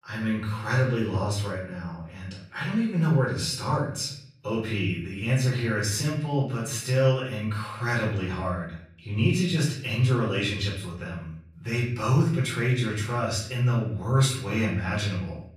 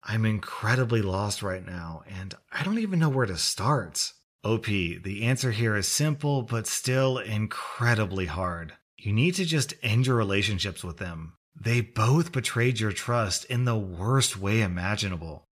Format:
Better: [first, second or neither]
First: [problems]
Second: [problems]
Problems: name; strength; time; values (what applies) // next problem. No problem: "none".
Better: second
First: off-mic speech; far // room echo; noticeable; dies away in 0.6 s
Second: none